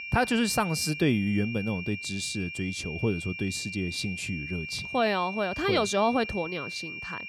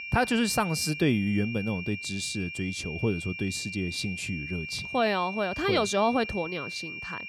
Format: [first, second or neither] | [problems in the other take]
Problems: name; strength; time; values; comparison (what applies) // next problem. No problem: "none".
neither | high-pitched whine; loud; throughout; 2.5 kHz, 7 dB below the speech; the same in both